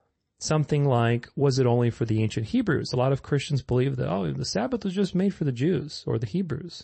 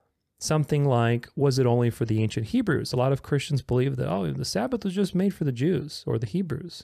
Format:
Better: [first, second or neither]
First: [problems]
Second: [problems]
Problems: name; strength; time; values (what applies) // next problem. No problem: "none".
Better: second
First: garbled, watery; slightly; nothing above 8 kHz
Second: none